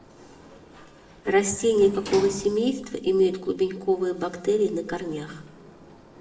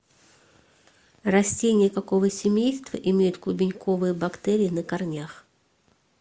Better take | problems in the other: second | background sound (Sliding door); 18 dB below the speech // room echo; dies away in 0.9 s

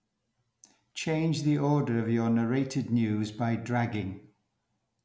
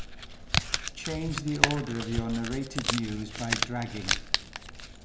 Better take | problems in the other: first | background sound (Crumpling, crinkling); 2 dB above the speech

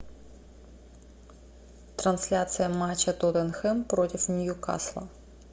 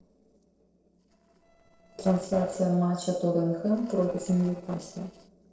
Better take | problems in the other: first | noise reduction (neural separator model SepFormer DNS4)

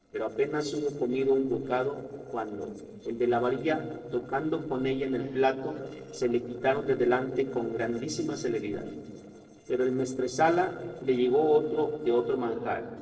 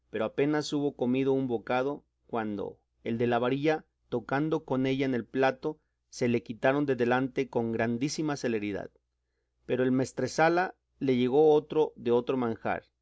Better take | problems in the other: second | noise reduction (neural separator model SepFormer DNS4)

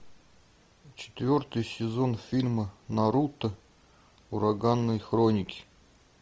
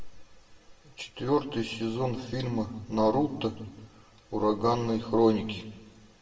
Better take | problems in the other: first | room echo; dies away in 0.8 s

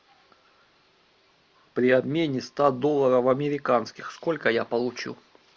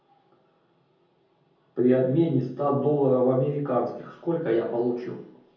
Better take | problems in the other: first | room echo; dies away in 0.7 s

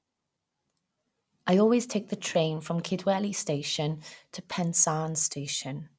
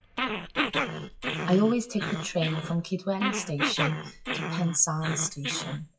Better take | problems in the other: first | noise reduction (classical method WPE with log-MMSE)

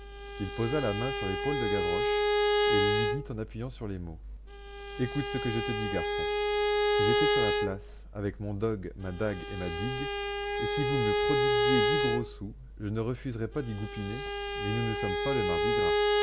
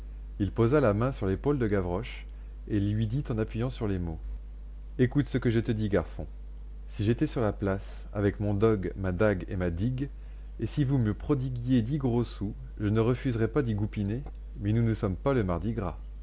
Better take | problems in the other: second | background sound (Bowed string instrument); 4 dB above the speech

